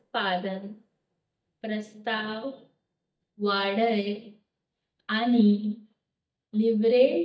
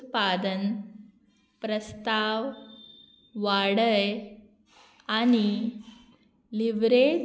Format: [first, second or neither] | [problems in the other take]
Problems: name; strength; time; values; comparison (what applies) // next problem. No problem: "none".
second | noise reduction (neural mask model DeepFilterNet 3)